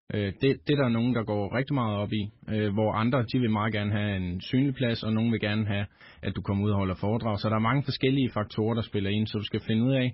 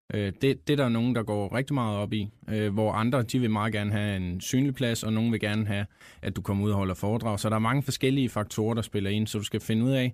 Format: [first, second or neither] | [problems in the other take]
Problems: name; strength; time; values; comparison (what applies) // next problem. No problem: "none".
second | garbled, watery; badly; nothing above 5.5 kHz